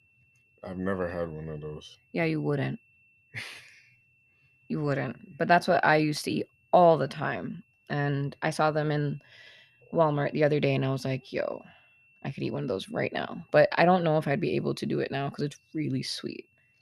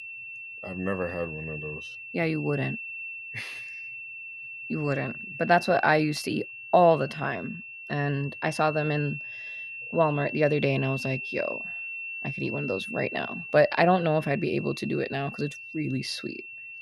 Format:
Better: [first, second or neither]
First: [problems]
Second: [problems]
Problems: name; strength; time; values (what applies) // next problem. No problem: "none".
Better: first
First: high-pitched whine; faint; throughout; 2.5 kHz, 35 dB below the speech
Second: high-pitched whine; loud; throughout; 2.5 kHz, 9 dB below the speech